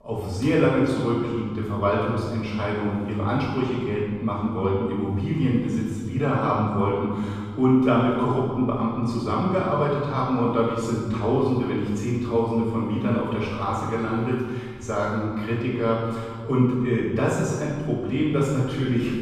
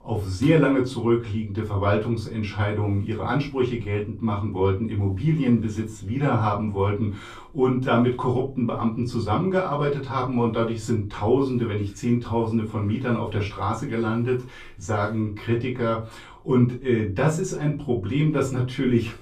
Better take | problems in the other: second | room echo; strong; dies away in 1.5 s; slight in the second // off-mic speech; far; far in the second

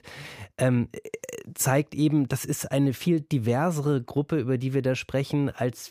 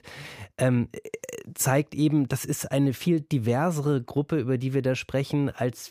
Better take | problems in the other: neither | none

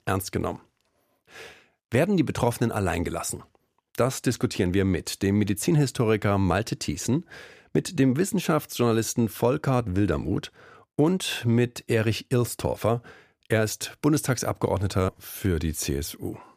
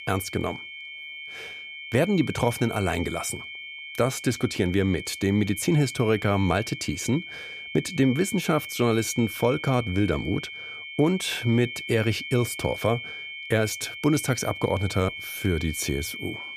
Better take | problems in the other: first | high-pitched whine; loud; throughout; 2 kHz, 10 dB below the speech

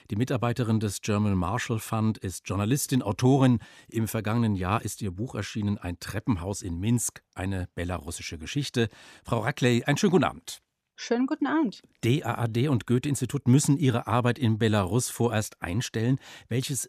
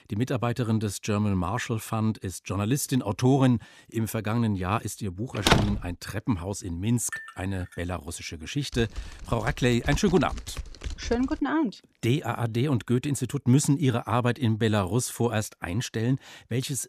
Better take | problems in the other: first | door banging; loud; at 5.5 s; peak 5 dB above the speech // clattering dishes; faint; at 7 s; peak 10 dB below the speech // keyboard typing; noticeable; from 8.5 to 11 s; peak 9 dB below the speech

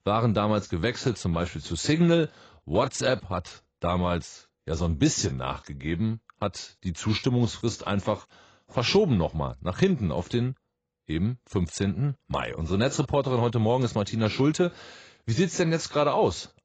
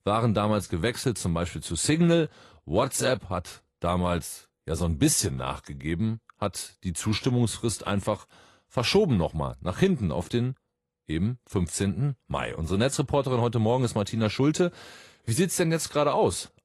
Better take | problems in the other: second | garbled, watery; badly; nothing above 7.5 kHz; slightly in the second

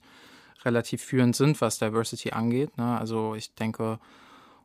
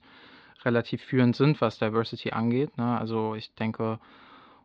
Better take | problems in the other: first | muffled; very slightly; fading above 4 kHz

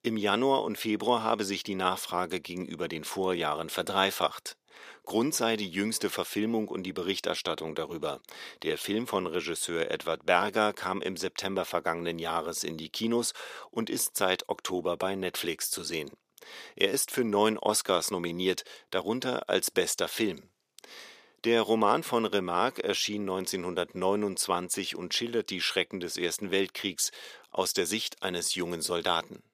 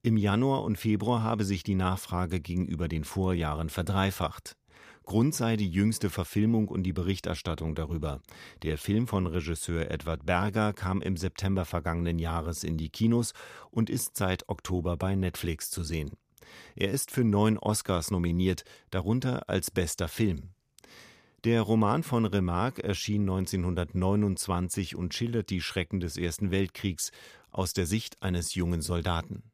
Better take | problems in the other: second | thin; somewhat; fading below 400 Hz

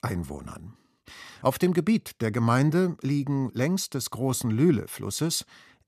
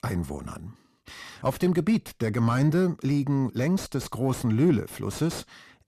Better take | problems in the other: first | distortion; slight; 10 dB below the speech

